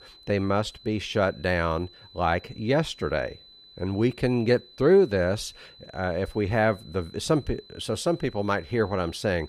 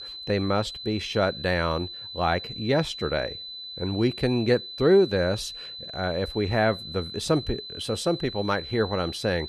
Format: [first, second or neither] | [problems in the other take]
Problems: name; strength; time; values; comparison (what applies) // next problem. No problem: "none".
first | high-pitched whine; loud; throughout; 4 kHz, 10 dB below the speech; faint in the first